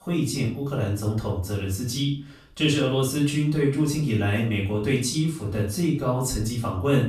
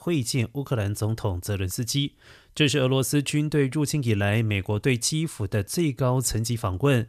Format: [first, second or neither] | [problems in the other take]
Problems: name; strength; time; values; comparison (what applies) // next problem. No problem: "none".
second | off-mic speech; far // room echo; noticeable; dies away in 0.4 s